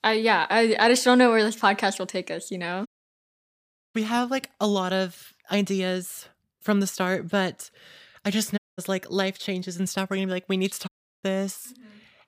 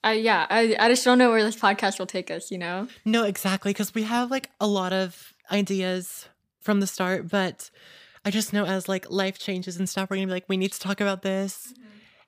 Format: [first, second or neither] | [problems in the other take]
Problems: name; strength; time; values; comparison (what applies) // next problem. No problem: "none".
second | audio cutting out; at 3 s for 1 s, at 8.5 s and at 11 s